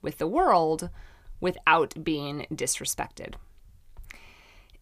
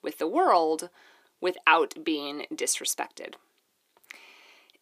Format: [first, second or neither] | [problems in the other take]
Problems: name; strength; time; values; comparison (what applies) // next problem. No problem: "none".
first | thin; very slightly; fading below 300 Hz